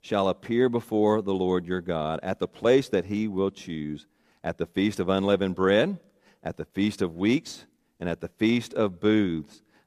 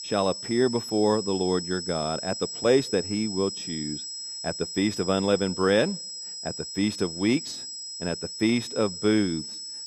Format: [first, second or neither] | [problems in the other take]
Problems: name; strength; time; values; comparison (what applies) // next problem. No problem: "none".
first | high-pitched whine; loud; throughout; 5 kHz, 7 dB below the speech